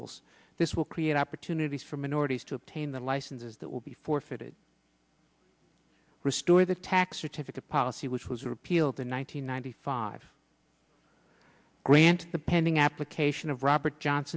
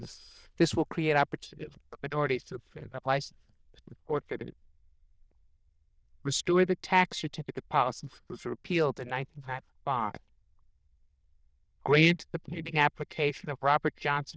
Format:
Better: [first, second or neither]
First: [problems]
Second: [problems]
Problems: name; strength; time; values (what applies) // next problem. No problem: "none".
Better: first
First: none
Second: noise reduction (neural diffusion model UNIVERSE++)